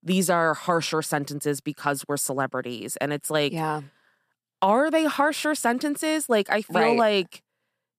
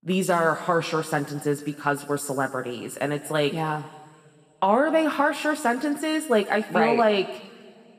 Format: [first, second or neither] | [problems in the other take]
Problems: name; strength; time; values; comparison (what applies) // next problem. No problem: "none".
first | room echo; slight; dies away in 2.6 s